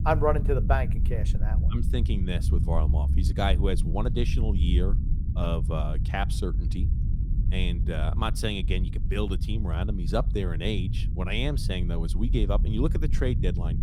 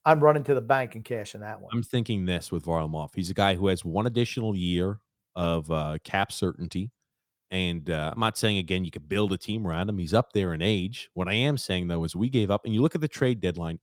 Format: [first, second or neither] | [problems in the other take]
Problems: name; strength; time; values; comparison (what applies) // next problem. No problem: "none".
second | low rumble; noticeable; throughout; 10 dB below the speech